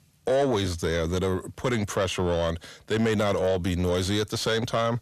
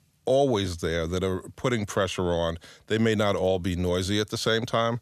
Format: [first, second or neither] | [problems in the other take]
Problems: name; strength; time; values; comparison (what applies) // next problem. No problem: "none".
second | distortion; slight; 10 dB below the speech